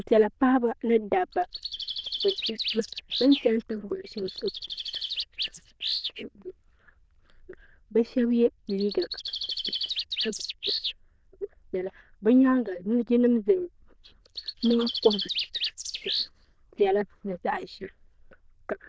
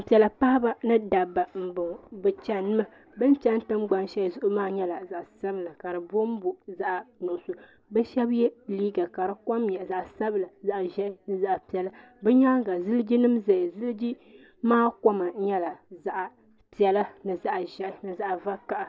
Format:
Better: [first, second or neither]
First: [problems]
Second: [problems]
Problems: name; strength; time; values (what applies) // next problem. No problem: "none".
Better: second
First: noise reduction (neural diffusion model UNIVERSE++)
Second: none